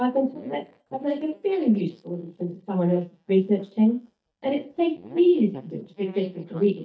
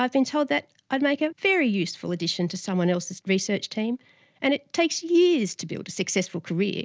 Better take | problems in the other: second | noise reduction (neural mask model DeepFilterNet 3)

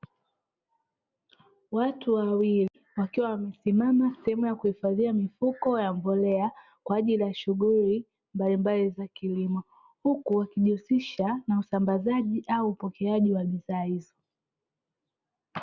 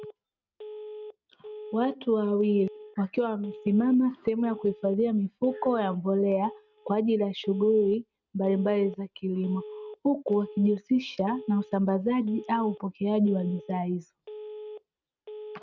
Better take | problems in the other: first | noise reduction (neural mask model RNNoise)

